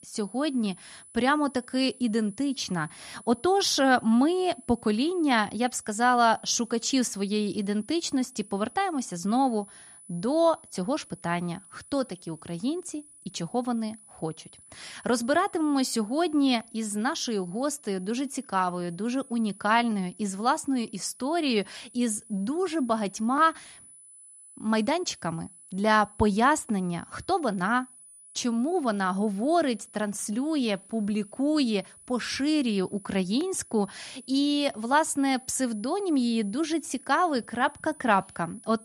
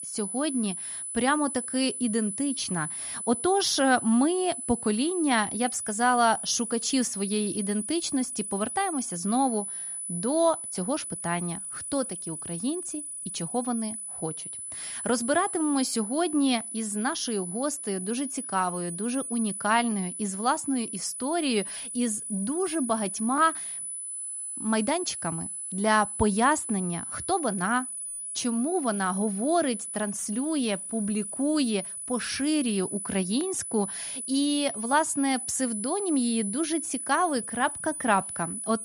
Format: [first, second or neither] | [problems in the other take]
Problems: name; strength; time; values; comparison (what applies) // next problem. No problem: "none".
first | high-pitched whine; loud; throughout; 10 kHz, 5 dB below the speech; faint in the first